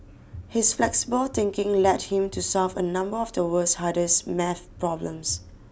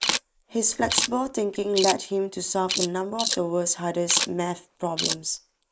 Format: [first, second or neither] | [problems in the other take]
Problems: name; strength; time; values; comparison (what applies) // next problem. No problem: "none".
first | noise reduction (neural mask model Resemble Enhance denoiser)